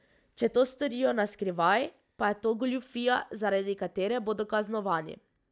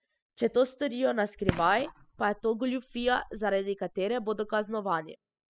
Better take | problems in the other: first | noise reduction (classical method spectral subtraction)

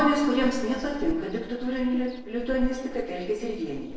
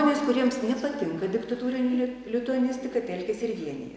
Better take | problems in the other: second | noise reduction (neural separator model SepFormer DNS4)

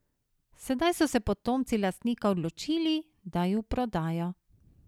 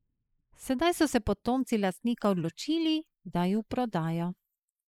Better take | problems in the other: first | noise reduction (neural mask model Resemble Enhance denoiser)

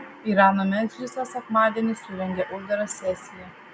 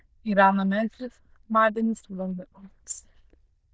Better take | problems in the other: first | noise reduction (neural diffusion model UNIVERSE++)

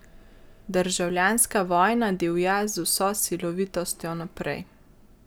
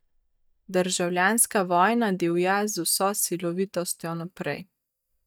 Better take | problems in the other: first | noise reduction (neural mask model DeepFilterNet 3)

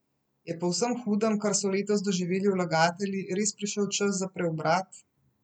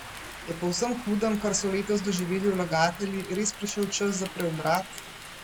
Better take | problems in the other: first | background sound (Rain); 13 dB below the speech

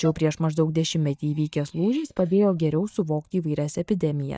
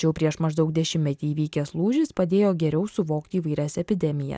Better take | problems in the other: second | noise reduction (neural mask model DeepFilterNet 3)

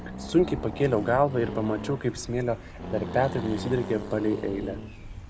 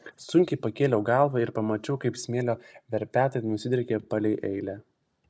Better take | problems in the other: second | background sound (Accelerating, revving, vroom); 9 dB below the speech

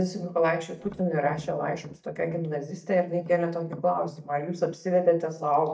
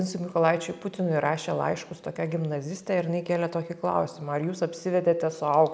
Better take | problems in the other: second | noise reduction (neural mask model DeepFilterNet 3)

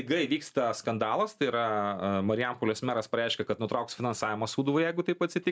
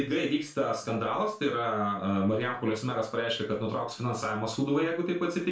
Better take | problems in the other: first | room echo; dies away in 0.3 s

